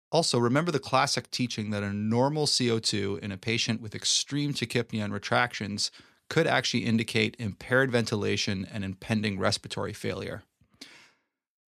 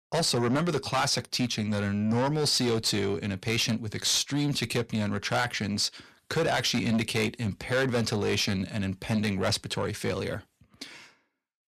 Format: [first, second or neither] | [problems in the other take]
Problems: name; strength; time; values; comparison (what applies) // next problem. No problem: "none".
first | distortion; heavy; 7 dB below the speech